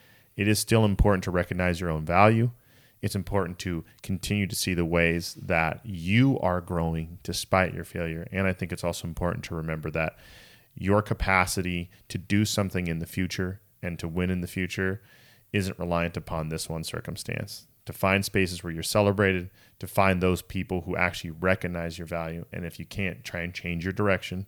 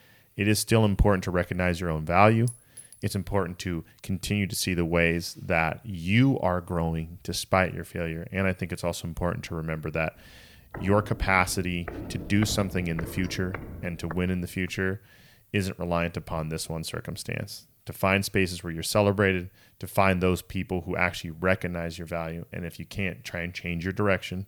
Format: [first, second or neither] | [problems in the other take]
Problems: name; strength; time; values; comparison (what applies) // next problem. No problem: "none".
first | clattering dishes; faint; at 2.5 s; peak 15 dB below the speech // footsteps; noticeable; from 11 to 15 s; peak 9 dB below the speech